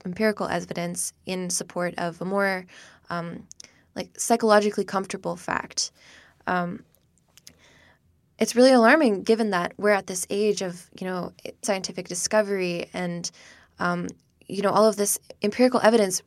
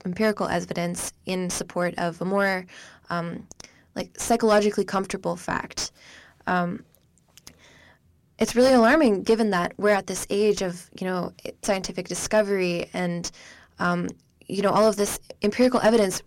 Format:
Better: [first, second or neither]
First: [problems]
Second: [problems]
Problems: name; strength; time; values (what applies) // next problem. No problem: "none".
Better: first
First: none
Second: distortion; slight; 10 dB below the speech